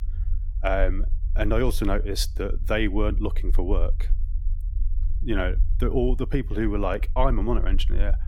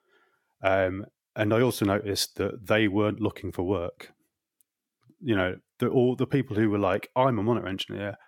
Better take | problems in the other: second | low rumble; faint; throughout; 25 dB below the speech

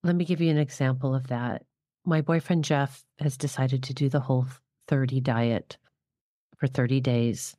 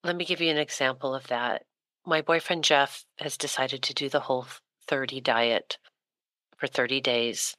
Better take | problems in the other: first | thin; very; fading below 550 Hz

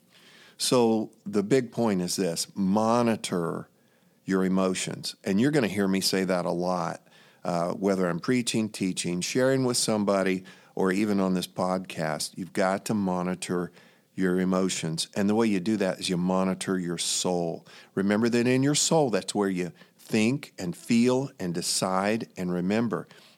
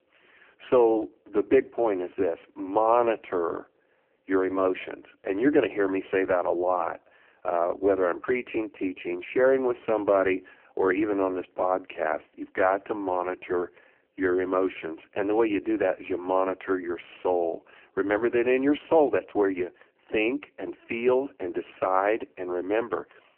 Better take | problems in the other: first | phone-call audio; poor line

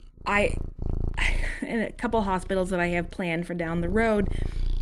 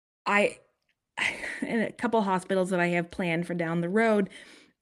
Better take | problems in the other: second | animal sounds; loud; throughout; 9 dB below the speech

